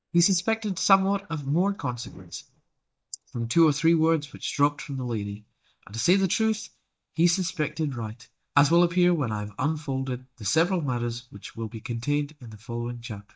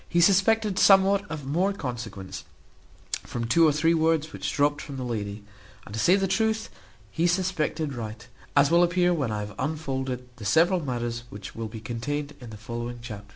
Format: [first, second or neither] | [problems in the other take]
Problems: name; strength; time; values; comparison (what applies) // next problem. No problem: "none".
second | noise reduction (neural mask model DeepFilterNet 3)